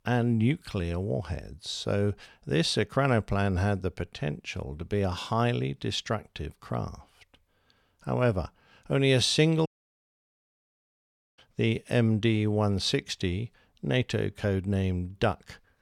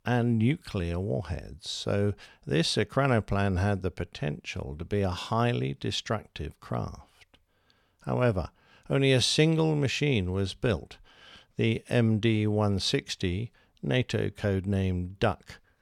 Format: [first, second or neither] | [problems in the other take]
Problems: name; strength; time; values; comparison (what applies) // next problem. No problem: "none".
second | audio cutting out; at 9.5 s for 1.5 s